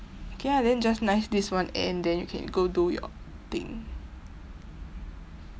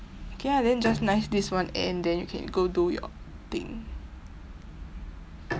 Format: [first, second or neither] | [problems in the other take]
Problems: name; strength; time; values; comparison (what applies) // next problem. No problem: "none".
first | background sound (Bowed string instrument); 13 dB below the speech